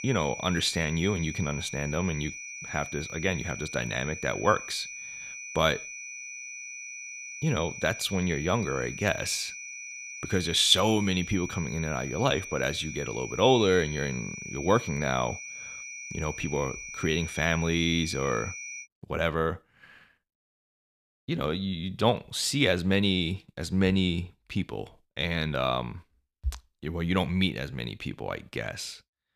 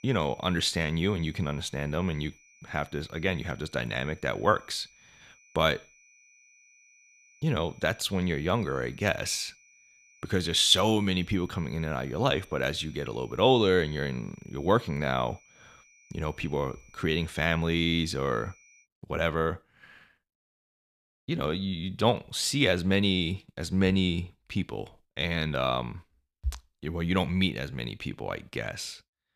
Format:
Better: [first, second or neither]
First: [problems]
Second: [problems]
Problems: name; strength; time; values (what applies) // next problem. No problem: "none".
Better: second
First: high-pitched whine; loud; until 19 s; 2.5 kHz, 9 dB below the speech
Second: high-pitched whine; faint; until 19 s; 2.5 kHz, 30 dB below the speech